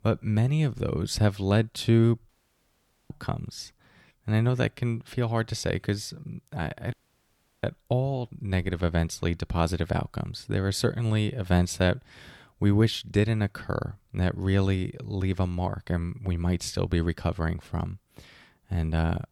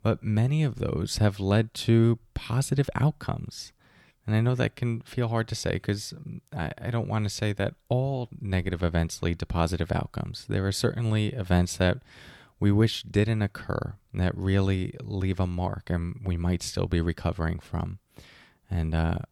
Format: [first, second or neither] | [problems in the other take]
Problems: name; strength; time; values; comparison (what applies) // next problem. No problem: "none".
second | audio cutting out; at 2.5 s for 1 s and at 7 s for 0.5 s